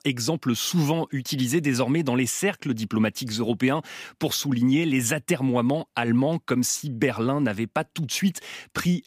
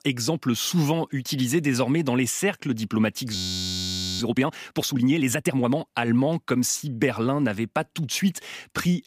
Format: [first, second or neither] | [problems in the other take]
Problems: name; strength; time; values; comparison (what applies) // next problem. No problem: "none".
first | audio freezing; at 3.5 s for 1 s